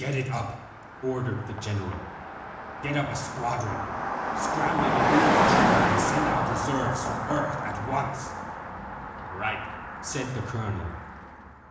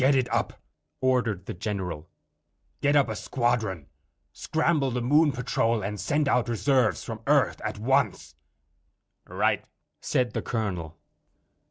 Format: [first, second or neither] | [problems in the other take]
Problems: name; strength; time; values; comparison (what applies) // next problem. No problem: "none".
second | background sound (Car passing by); 3 dB above the speech // room echo; dies away in 1 s